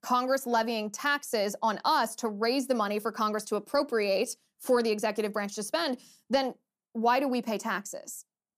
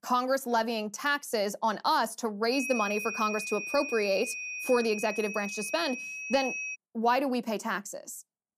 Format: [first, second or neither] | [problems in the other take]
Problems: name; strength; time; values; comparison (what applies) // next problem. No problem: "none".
first | high-pitched whine; loud; from 2.5 to 7 s; 2.5 kHz, 5 dB below the speech